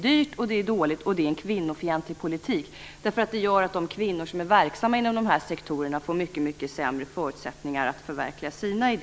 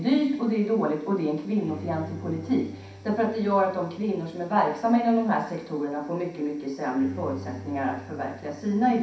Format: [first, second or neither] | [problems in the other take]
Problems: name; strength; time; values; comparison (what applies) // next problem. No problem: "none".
first | background sound (Bowed string instrument); 18 dB below the speech // room echo; dies away in 0.6 s